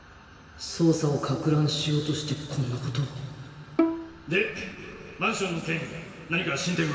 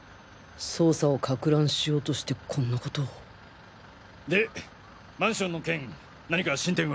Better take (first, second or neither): second